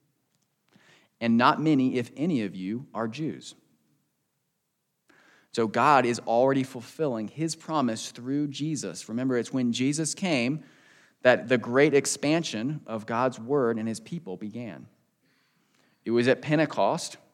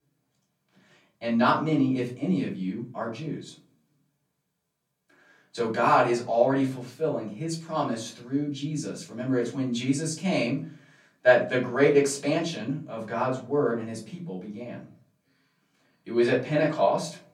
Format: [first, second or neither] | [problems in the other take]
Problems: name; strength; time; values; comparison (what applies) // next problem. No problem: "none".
first | off-mic speech; far // room echo; slight; dies away in 0.3 s